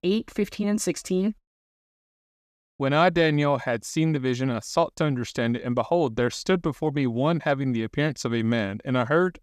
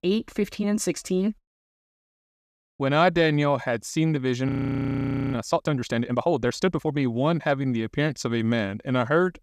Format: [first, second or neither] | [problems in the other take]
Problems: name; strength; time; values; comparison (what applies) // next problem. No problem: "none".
first | audio freezing; at 4.5 s for 1 s